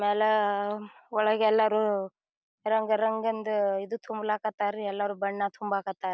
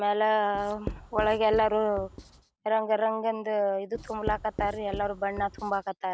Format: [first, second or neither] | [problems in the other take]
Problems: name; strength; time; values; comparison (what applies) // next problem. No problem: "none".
first | background sound (Writing); 12 dB below the speech